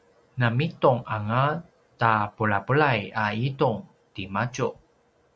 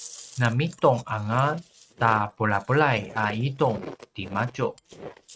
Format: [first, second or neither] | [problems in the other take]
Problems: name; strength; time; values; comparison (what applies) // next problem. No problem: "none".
first | noise reduction (neural mask model RNNoise)